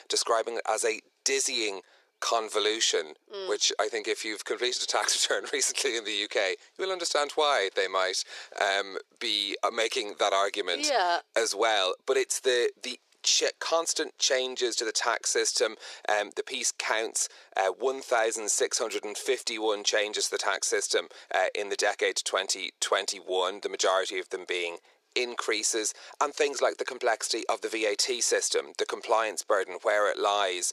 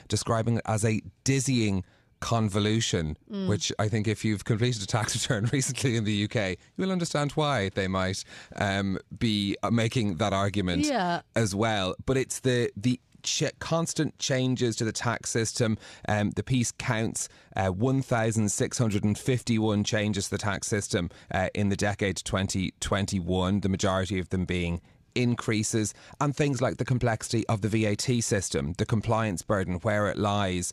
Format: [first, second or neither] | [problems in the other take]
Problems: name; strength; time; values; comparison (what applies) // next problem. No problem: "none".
second | thin; very; fading below 400 Hz